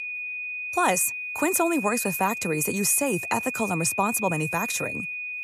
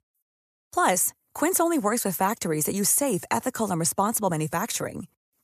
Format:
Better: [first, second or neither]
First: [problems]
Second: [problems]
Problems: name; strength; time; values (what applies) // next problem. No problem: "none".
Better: second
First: high-pitched whine; loud; throughout; 2.5 kHz, 5 dB below the speech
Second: none